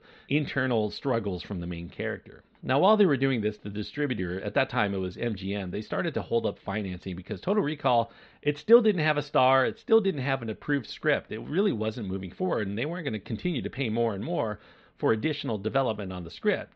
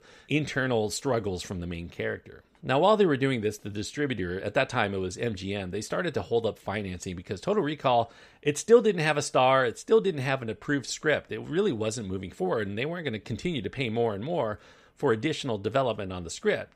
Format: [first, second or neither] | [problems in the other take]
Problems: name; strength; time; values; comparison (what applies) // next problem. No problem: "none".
second | muffled; very slightly; fading above 4 kHz